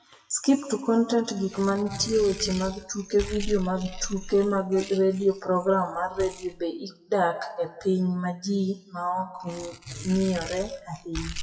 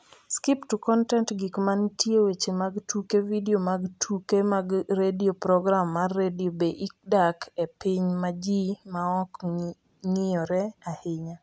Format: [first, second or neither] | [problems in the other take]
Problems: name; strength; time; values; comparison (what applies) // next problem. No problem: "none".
second | noise reduction (classical method WPE with log-MMSE)